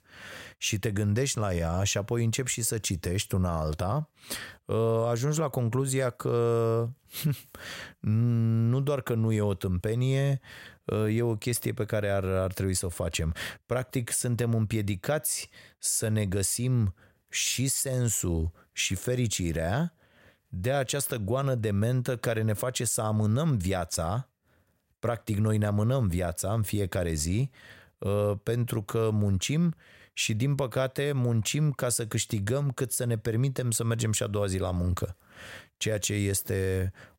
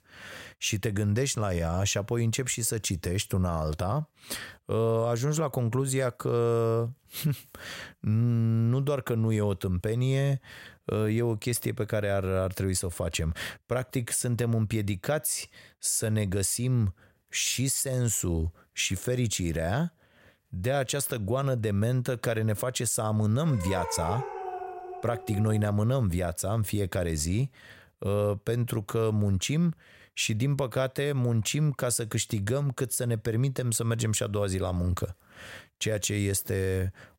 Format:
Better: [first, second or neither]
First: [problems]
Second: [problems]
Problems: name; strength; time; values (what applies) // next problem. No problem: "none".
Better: first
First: none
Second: dog barking; noticeable; from 23 to 26 s; peak 6 dB below the speech